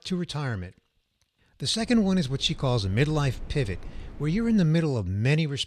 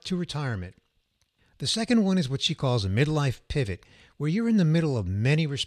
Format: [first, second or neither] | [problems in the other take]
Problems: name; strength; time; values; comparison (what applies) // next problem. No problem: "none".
second | low rumble; faint; from 2 to 4.5 s; 25 dB below the speech